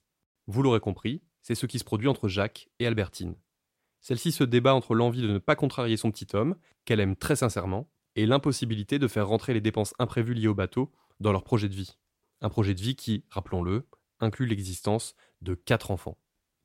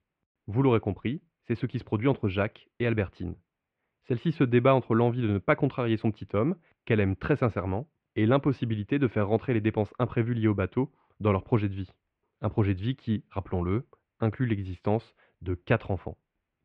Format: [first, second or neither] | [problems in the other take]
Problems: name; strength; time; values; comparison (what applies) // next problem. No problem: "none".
first | muffled; very; fading above 2.5 kHz